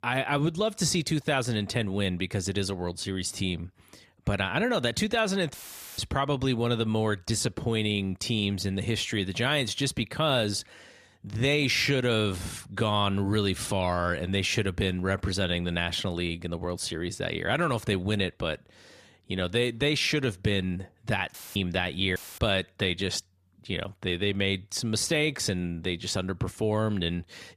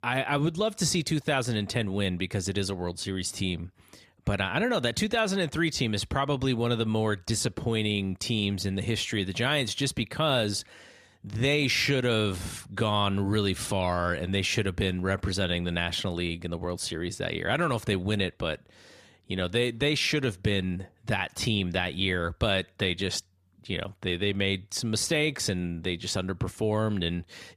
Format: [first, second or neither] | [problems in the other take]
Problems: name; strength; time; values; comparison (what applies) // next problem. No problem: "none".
second | audio cutting out; filled with static; at 5.5 s, at 21 s and at 22 s